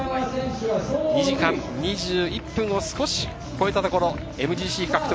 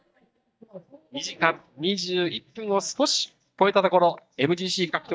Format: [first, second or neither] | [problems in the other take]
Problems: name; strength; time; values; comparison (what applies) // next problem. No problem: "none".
first | noise reduction (neural mask model DeepFilterNet 3)